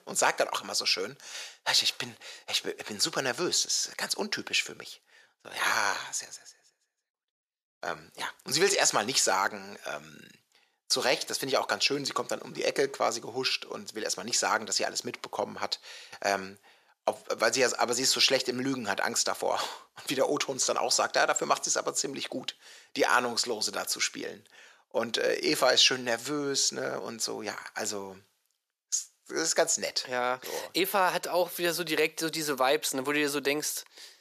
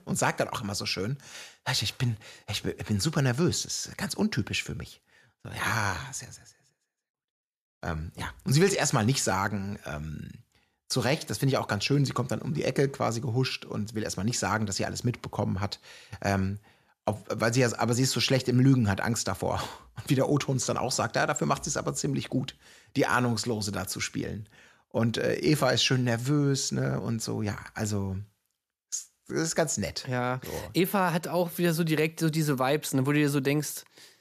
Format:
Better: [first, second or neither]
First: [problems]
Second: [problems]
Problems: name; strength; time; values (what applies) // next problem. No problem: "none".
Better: second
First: thin; somewhat; fading below 500 Hz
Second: none